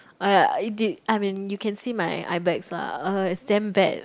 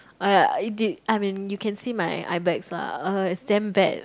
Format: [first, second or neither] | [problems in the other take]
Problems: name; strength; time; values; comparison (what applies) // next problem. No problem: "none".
second | noise reduction (neural mask model Resemble Enhance denoiser)